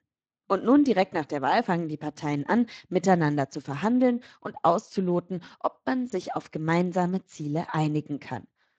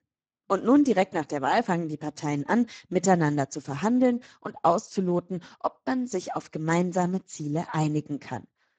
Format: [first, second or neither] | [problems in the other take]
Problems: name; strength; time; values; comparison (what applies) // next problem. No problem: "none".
first | garbled, watery; badly; nothing above 7.5 kHz; slightly in the first